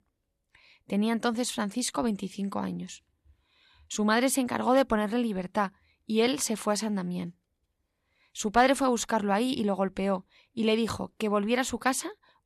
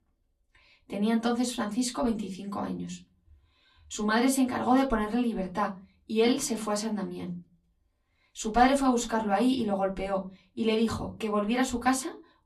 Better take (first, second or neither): first